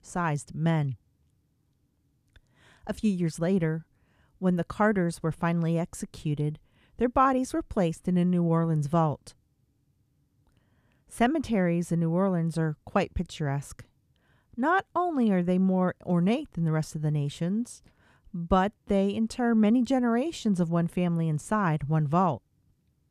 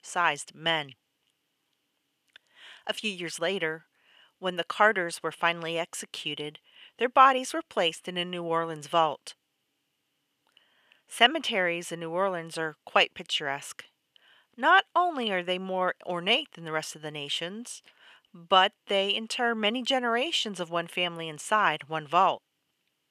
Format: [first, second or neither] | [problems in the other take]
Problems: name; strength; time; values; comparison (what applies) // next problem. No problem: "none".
first | thin; very; fading below 550 Hz